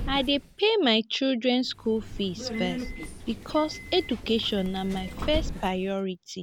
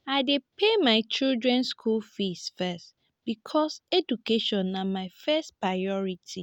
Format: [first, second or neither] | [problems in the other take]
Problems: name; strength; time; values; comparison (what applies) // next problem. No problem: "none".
second | background sound (Subway, metro, underground); 9 dB below the speech